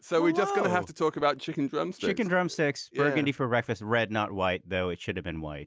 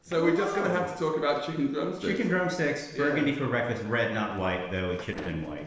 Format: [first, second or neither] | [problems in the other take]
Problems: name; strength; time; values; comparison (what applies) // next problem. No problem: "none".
first | noise reduction (neural separator model SepFormer DNS4)